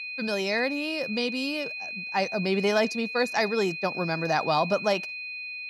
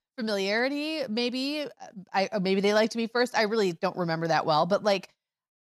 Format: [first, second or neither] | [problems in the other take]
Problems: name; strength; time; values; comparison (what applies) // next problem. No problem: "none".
second | high-pitched whine; loud; throughout; 2.5 kHz, 6 dB below the speech